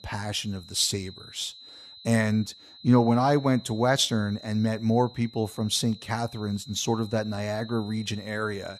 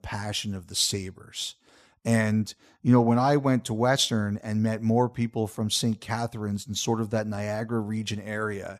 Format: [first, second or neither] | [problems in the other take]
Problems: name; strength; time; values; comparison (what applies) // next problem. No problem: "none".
second | high-pitched whine; noticeable; throughout; 4 kHz, 20 dB below the speech